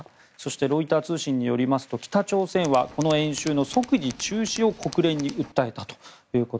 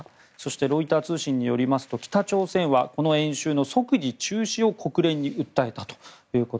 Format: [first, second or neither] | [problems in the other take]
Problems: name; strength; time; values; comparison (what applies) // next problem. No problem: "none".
second | background sound (Tools); 17 dB below the speech